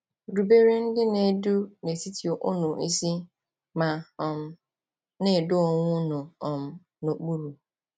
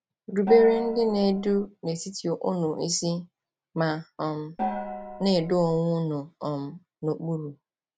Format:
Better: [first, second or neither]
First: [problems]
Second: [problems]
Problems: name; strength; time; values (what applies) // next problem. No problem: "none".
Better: first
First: none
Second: background sound (Gong); 7 dB below the speech